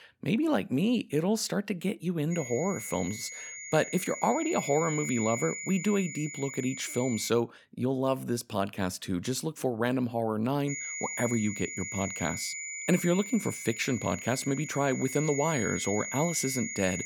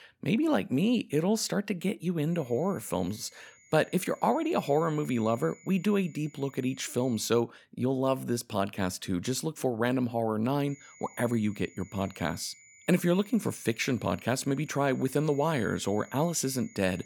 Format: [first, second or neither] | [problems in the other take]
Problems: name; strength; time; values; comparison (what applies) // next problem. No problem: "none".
second | high-pitched whine; loud; from 2.5 to 7.5 s and from 11 s on; 7 kHz, 6 dB below the speech; faint in the second